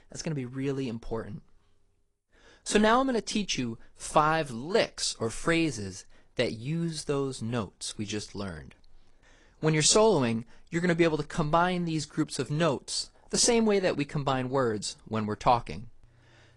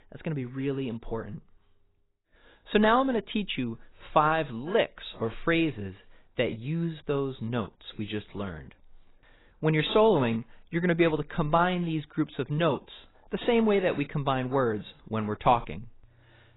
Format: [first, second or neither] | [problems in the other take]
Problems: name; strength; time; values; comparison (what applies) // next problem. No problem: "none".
first | garbled, watery; badly; nothing above 4 kHz; slightly in the first